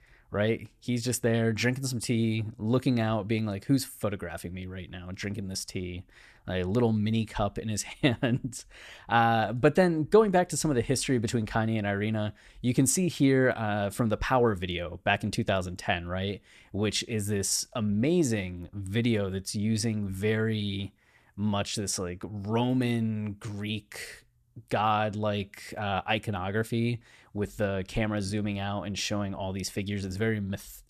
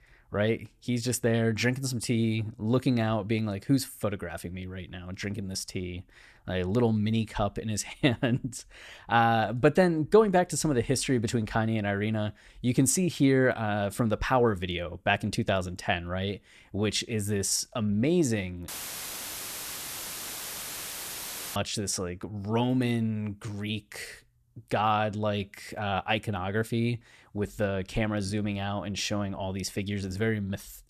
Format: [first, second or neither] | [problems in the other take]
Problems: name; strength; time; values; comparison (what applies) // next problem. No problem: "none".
first | audio cutting out; filled with static; at 19 s for 3 s